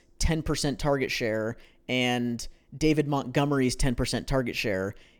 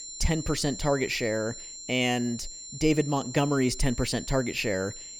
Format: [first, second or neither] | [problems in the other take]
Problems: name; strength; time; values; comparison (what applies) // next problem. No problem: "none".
first | high-pitched whine; noticeable; throughout; 7.5 kHz, 10 dB below the speech